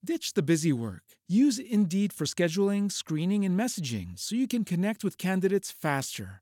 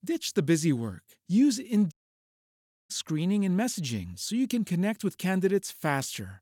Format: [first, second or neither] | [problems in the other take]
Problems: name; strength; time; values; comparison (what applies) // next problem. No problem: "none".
first | audio cutting out; at 2 s for 1 s